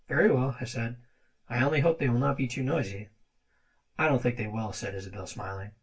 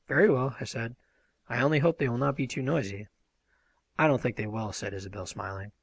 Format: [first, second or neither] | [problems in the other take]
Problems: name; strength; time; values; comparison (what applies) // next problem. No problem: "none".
second | room echo; dies away in 0.2 s